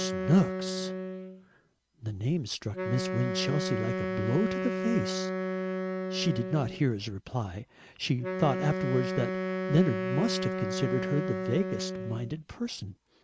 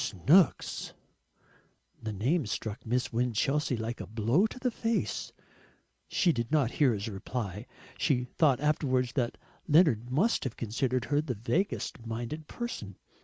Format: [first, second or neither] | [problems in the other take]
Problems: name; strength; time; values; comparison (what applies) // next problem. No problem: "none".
second | background sound (Wind instrument, woodwind instrument); 3 dB below the speech